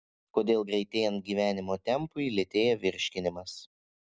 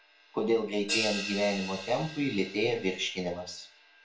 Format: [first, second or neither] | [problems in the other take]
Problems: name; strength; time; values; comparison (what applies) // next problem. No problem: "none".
first | background sound (Crash cymbal); 9 dB below the speech // room echo; dies away in 0.4 s